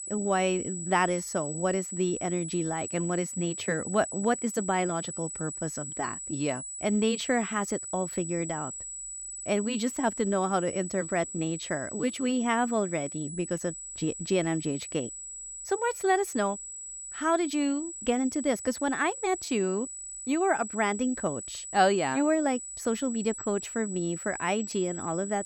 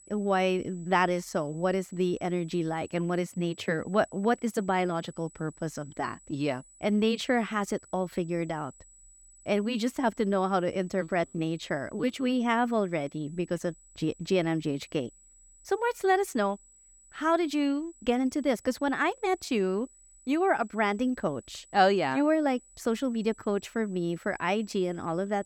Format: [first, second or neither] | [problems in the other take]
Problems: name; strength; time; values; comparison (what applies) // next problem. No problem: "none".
second | high-pitched whine; loud; throughout; 8 kHz, 7 dB below the speech; faint in the second